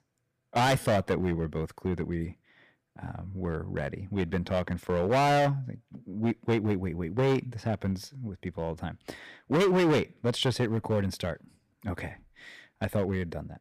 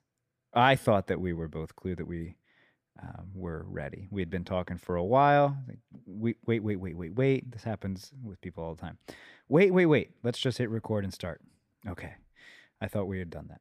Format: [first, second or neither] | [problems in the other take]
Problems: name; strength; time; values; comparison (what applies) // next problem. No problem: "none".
second | distortion; heavy; 8% of the sound clipped